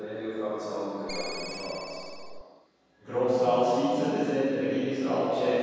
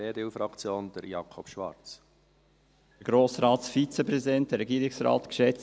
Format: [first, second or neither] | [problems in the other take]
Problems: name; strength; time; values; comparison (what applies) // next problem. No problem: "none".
second | background sound (Ringtone); 11 dB below the speech // room echo; dies away in 2.2 s